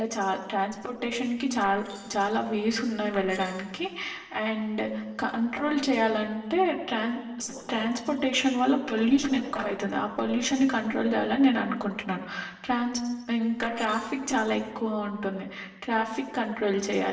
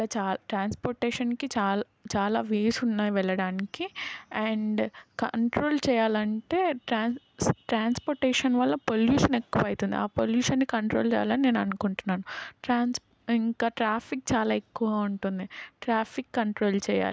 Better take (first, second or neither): second